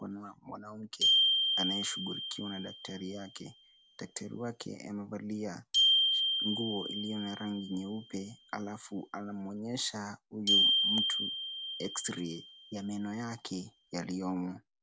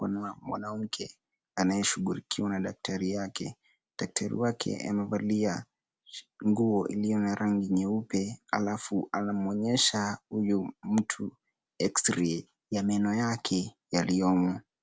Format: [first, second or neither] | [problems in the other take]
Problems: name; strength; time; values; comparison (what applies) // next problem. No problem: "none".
second | background sound (Glockenspiel); 5 dB above the speech